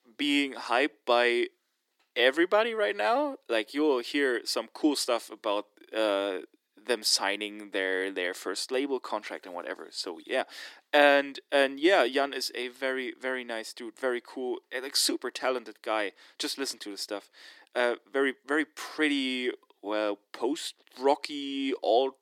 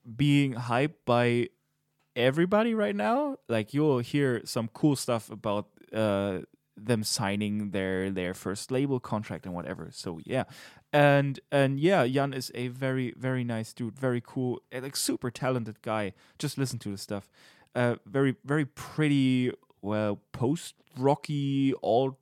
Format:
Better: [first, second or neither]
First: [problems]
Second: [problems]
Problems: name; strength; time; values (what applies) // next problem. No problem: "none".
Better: second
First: thin; somewhat; fading below 300 Hz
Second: none